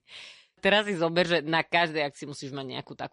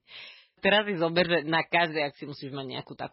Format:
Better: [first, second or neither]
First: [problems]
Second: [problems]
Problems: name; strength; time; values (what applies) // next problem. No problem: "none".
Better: first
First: garbled, watery; slightly; nothing above 10.5 kHz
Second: garbled, watery; badly